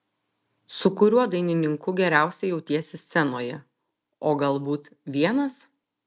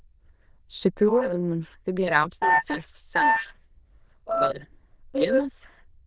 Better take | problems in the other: first | noise reduction (neural diffusion model UNIVERSE++)

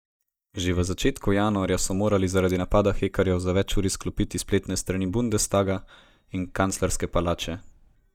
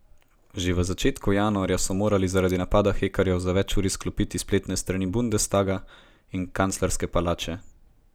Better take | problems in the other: second | noise reduction (neural mask model DeepFilterNet 3)

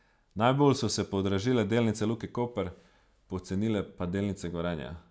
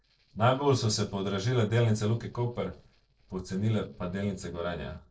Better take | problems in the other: first | noise reduction (neural separator model SepFormer DNS4)

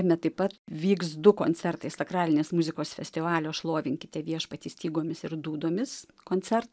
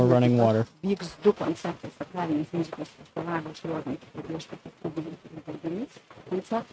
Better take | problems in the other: first | noise reduction (neural mask model RNNoise)

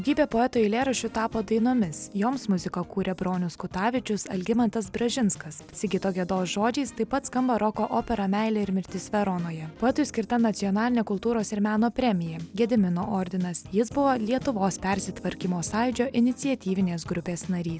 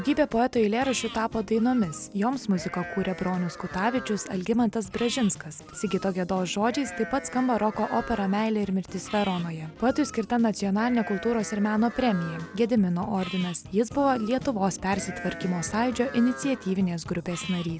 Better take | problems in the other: first | background sound (Livestock, farm animals, working animals); 16 dB below the speech

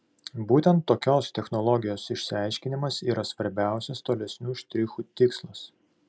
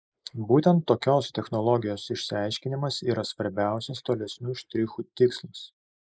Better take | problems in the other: first | noise reduction (neural mask model Resemble Enhance denoiser)

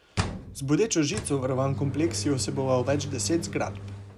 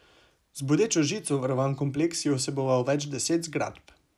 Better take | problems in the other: second | background sound (Engine); 8 dB below the speech

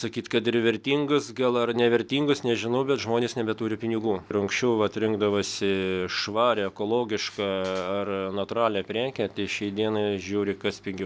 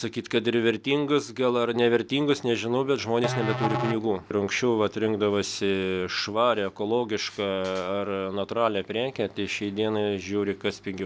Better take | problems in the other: first | background sound (Musical instrument); 7 dB below the speech

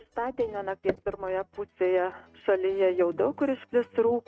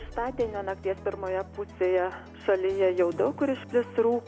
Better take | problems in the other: second | noise reduction (neural mask model RNNoise)

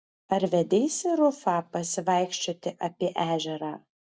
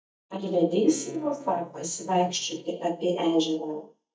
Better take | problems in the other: first | noise reduction (neural mask model DeepFilterNet 3)

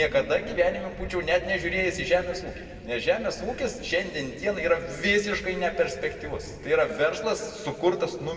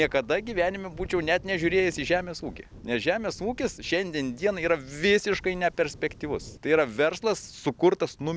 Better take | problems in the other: second | room echo; dies away in 2.2 s

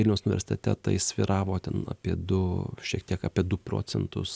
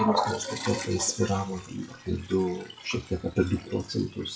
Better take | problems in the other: first | noise reduction (classical method WPE with log-MMSE)

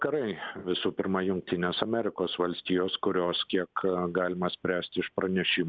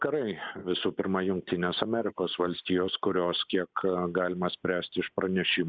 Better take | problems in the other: first | noise reduction (neural mask model Resemble Enhance denoiser)

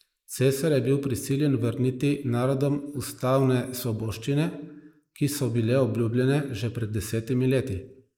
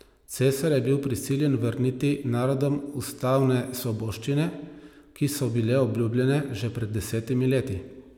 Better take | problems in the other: second | noise reduction (neural mask model Resemble Enhance denoiser)

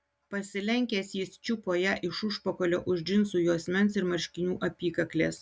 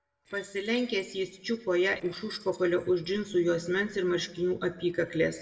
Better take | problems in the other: first | noise reduction (neural separator model SepFormer DNS4)

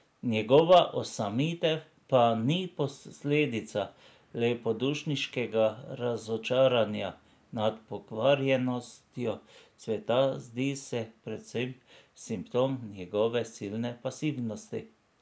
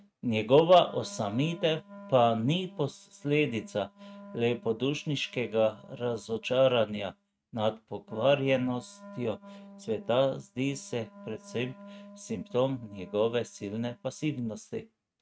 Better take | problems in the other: first | noise reduction (neural mask model RNNoise)

